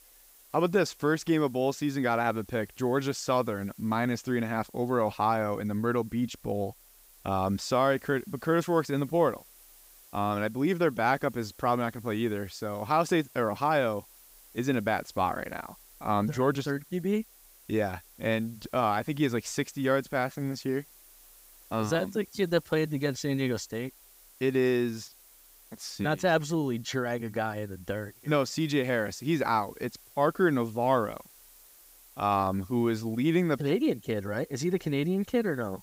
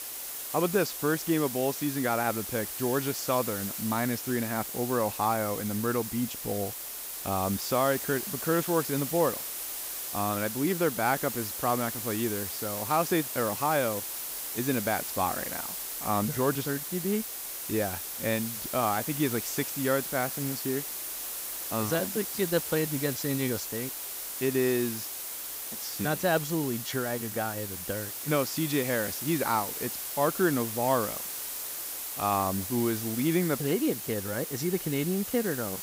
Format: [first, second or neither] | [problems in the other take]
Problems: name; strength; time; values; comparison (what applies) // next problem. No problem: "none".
first | hiss; loud; throughout; 4 dB below the speech; faint in the first